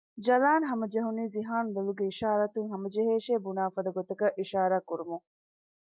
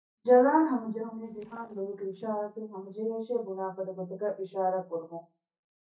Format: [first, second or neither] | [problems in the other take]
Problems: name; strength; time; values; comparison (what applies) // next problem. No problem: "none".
first | noise reduction (neural mask model DeepFilterNet 3)